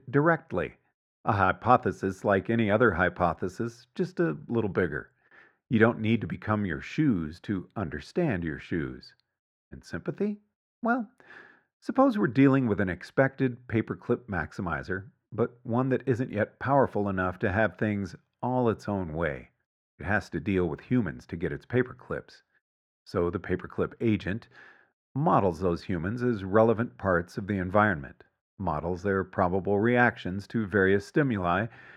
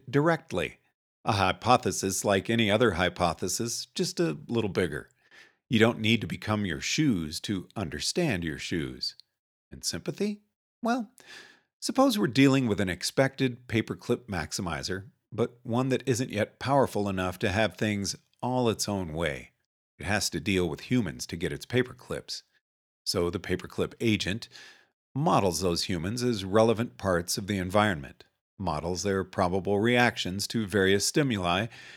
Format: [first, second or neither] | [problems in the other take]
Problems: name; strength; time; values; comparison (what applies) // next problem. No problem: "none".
second | muffled; very; fading above 3 kHz